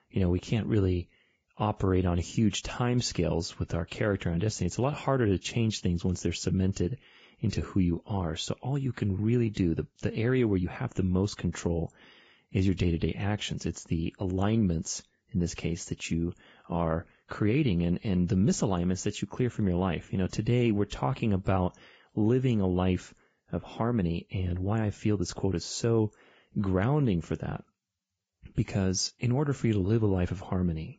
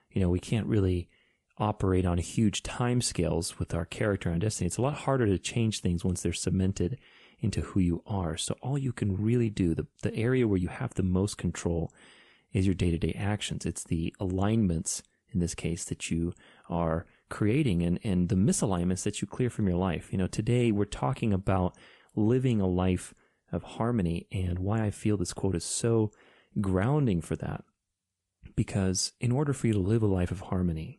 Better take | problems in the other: second | garbled, watery; badly; nothing above 7.5 kHz; slightly in the second

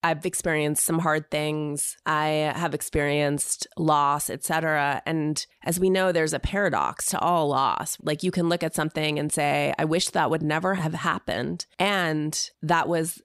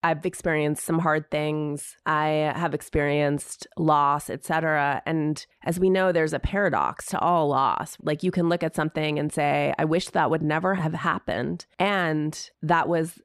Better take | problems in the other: first | muffled; slightly; fading above 3 kHz

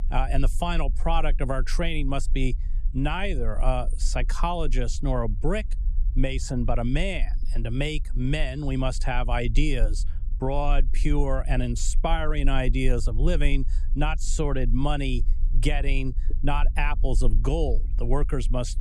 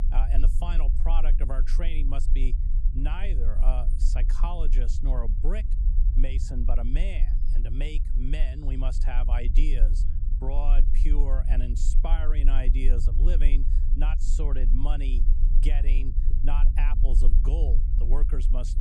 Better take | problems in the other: first | low rumble; loud; throughout; 9 dB below the speech; faint in the first

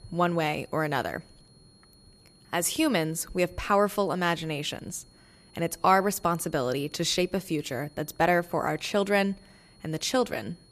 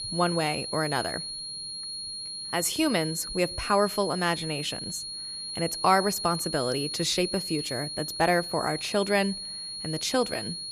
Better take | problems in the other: first | high-pitched whine; loud; throughout; 4.5 kHz, 5 dB below the speech; faint in the first

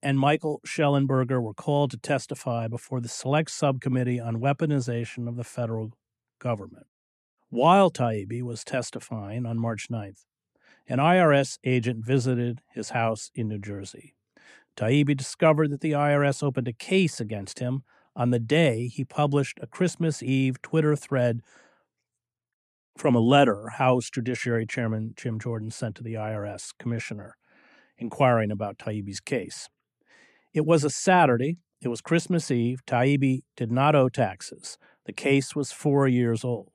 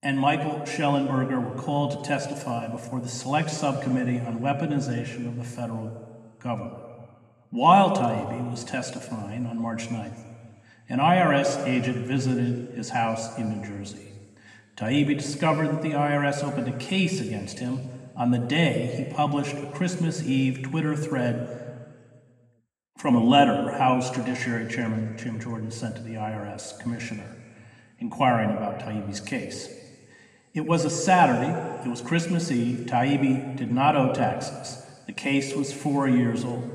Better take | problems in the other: first | room echo; noticeable; dies away in 1.7 s // off-mic speech; somewhat distant

